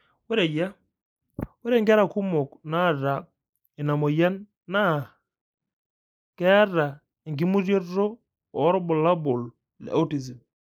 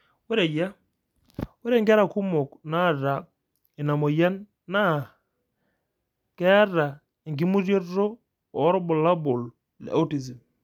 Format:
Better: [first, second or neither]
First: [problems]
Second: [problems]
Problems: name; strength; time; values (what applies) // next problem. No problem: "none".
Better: second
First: noise reduction (neural mask model Resemble Enhance denoiser)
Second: none